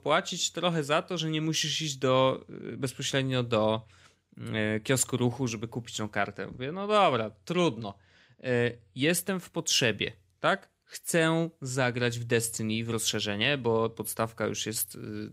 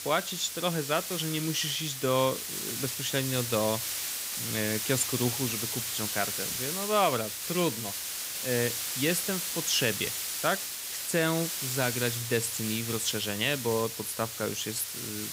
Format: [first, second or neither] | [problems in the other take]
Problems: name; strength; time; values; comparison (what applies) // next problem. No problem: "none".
first | hiss; loud; throughout; 2 dB below the speech